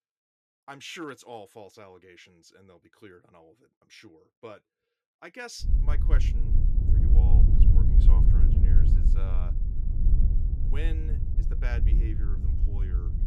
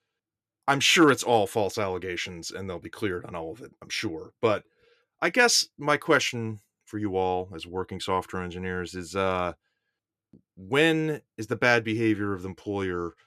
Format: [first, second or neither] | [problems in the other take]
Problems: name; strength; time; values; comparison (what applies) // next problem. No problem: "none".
second | wind noise on the microphone; heavy; from 5.5 s on; 1 dB below the speech